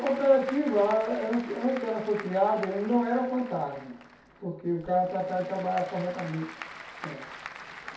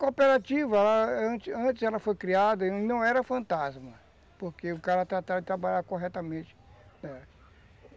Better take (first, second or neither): second